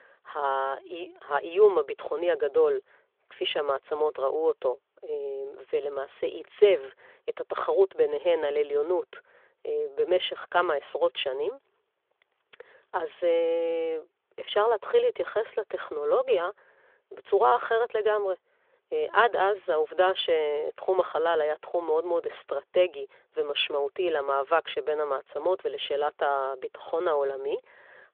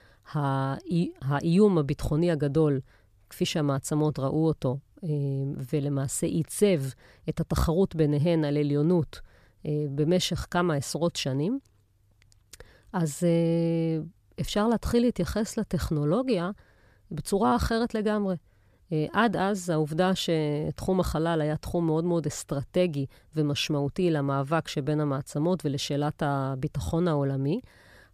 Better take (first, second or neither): second